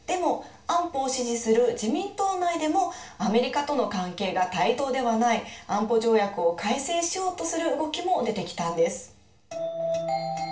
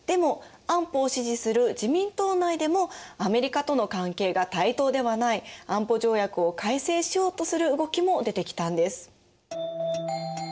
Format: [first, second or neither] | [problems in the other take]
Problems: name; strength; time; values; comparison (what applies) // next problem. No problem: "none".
second | room echo; dies away in 0.4 s